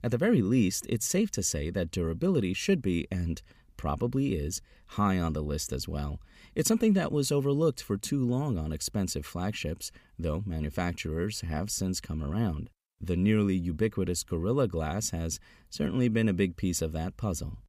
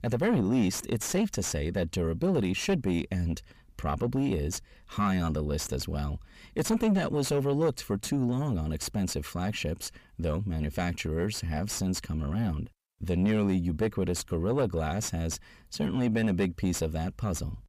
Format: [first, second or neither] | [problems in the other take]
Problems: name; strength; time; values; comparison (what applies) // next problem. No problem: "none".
first | distortion; slight; 9 dB below the speech